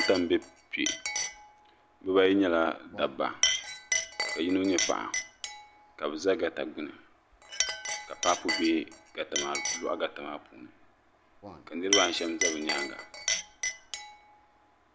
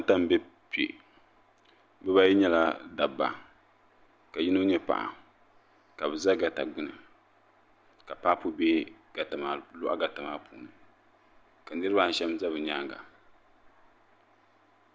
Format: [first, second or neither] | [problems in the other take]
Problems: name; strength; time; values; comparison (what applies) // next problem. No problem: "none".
second | background sound (Chink, clink); 3 dB below the speech